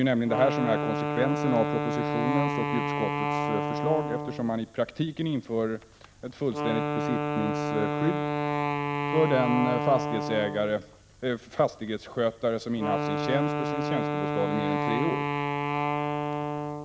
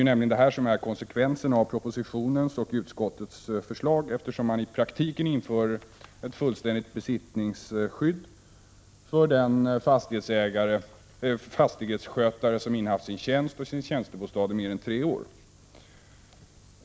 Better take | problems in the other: second | background sound (Wind instrument, woodwind instrument); 1 dB below the speech

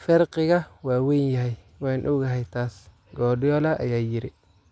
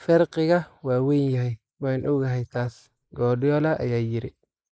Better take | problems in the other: first | noise reduction (neural mask model Resemble Enhance denoiser)

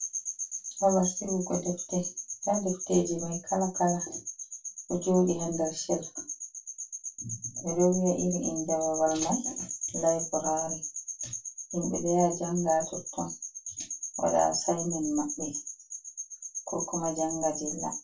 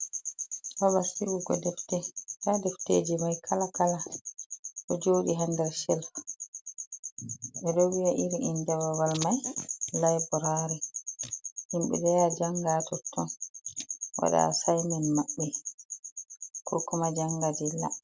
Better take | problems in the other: second | room echo; dies away in 0.2 s

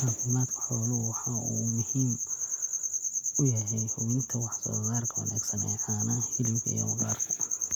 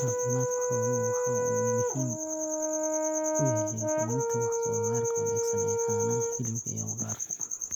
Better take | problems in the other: first | background sound (Brass instrument); 3 dB above the speech

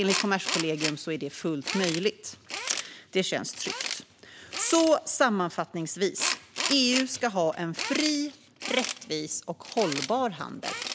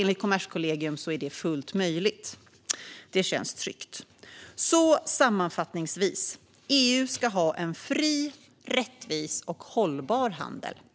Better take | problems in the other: second | background sound (Tools); 7 dB below the speech

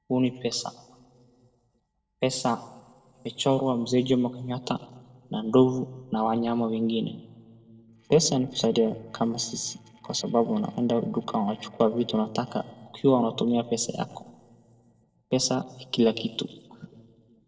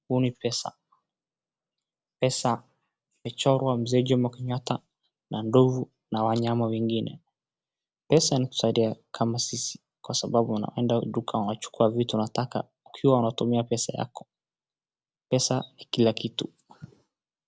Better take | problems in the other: second | noise reduction (neural separator model SepFormer DNS4)

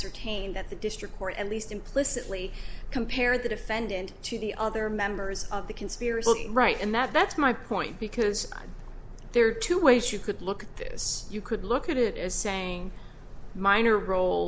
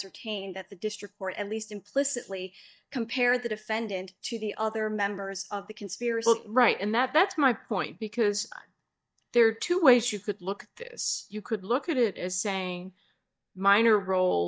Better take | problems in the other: first | noise reduction (neural mask model DeepFilterNet 3)

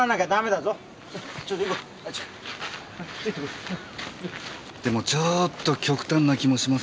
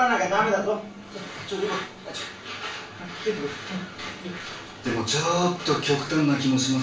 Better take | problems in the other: first | background sound (Snare drum); 15 dB below the speech // room echo; dies away in 0.3 s

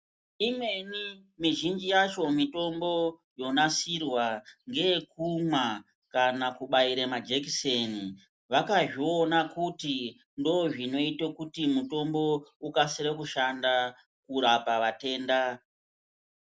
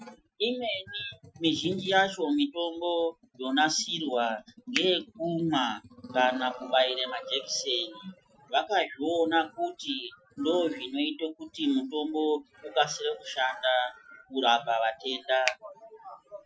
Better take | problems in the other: first | noise reduction (classical method Wiener filter)

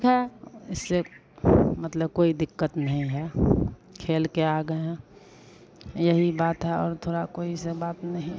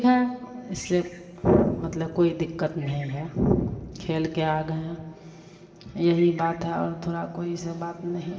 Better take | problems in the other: first | room echo; dies away in 2.2 s

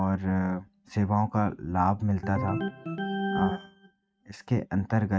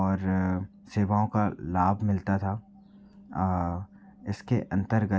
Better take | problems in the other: second | noise reduction (neural mask model RNNoise)

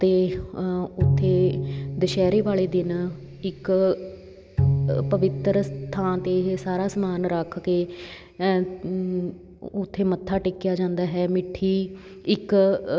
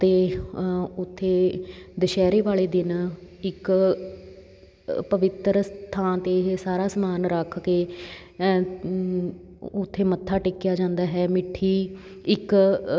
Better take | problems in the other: second | background sound (Bowed string instrument); 3 dB below the speech

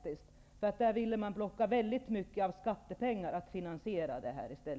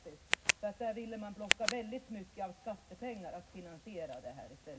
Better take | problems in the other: first | background sound (Tick); 2 dB above the speech // room echo; dies away in 0.4 s

